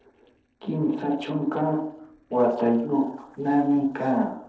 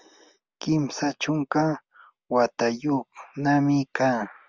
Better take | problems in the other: second | noise reduction (neural separator model SepFormer DNS4)

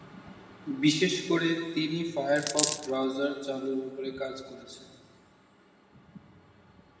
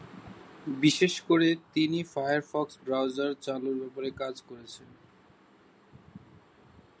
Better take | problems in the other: second | background sound (Coin (dropping)); as loud as the speech // room echo; dies away in 1.8 s

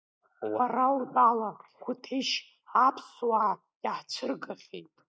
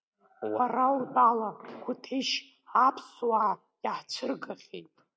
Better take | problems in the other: second | noise reduction (neural mask model Resemble Enhance denoiser)

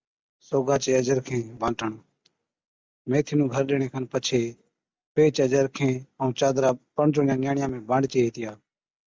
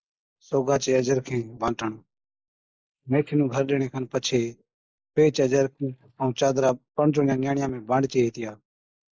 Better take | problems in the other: first | noise reduction (neural mask model Resemble Enhance denoiser)

